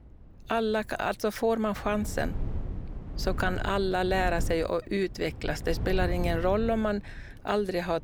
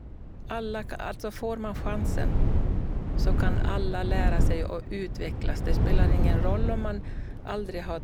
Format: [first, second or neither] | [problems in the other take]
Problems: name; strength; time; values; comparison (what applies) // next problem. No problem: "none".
first | wind noise on the microphone; heavy; 4 dB below the speech; occasional gusts in the first